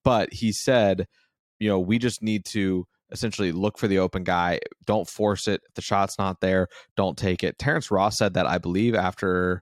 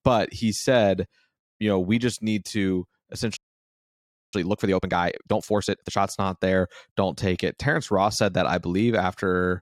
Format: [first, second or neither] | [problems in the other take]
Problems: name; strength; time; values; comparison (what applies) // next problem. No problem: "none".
first | audio freezing; at 3.5 s for 1 s